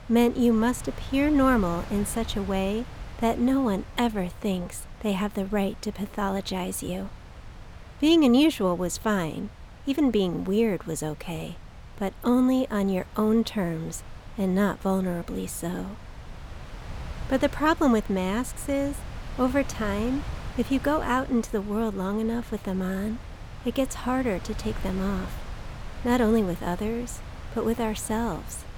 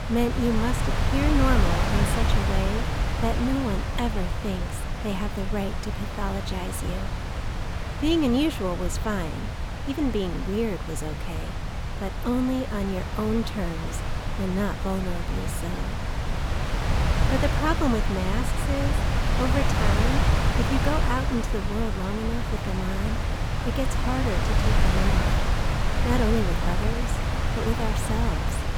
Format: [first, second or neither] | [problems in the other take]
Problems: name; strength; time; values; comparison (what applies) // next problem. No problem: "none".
first | wind noise on the microphone; heavy; as loud as the speech; occasional gusts in the first